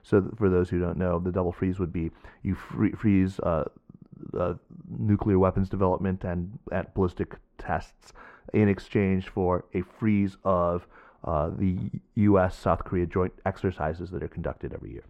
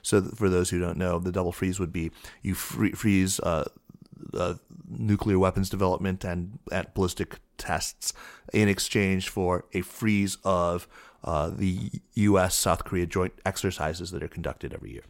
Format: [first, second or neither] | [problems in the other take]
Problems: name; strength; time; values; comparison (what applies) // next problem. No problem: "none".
second | muffled; very; fading above 3.5 kHz